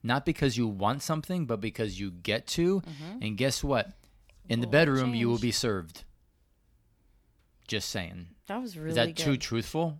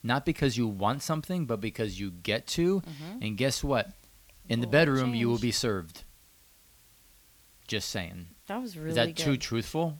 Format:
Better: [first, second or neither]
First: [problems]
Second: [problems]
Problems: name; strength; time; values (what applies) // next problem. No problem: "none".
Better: first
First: none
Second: hiss; faint; throughout; 30 dB below the speech